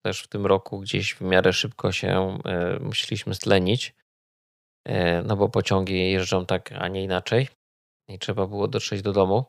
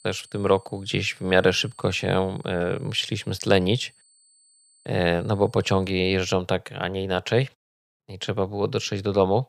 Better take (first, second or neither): first